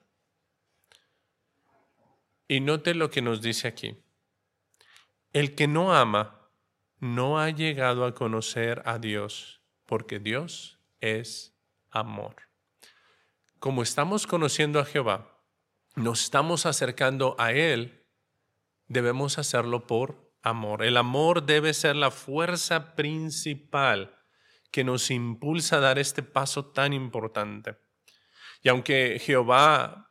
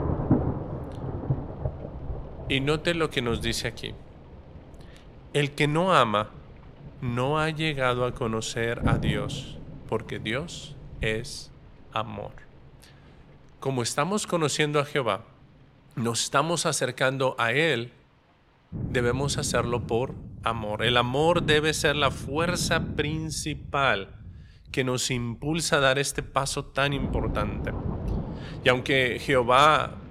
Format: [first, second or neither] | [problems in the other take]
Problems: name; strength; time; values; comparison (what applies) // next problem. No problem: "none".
first | rain or running water; loud; throughout; 9 dB below the speech